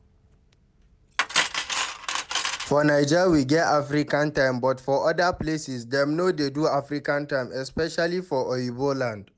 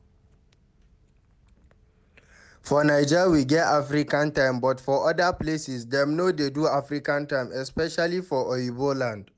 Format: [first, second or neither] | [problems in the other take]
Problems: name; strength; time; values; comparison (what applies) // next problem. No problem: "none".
second | background sound (Cutlery, silverware); 6 dB below the speech